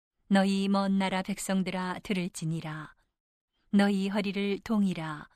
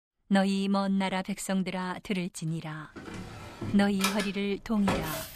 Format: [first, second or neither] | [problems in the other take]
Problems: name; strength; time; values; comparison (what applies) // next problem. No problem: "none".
first | household noises; loud; from 3 s on; 6 dB below the speech